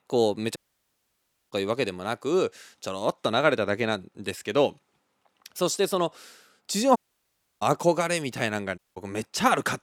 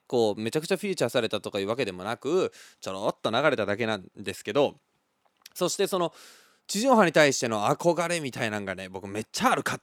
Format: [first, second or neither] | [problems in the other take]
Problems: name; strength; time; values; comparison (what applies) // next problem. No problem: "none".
second | audio cutting out; at 0.5 s for 1 s, at 7 s for 0.5 s and at 9 s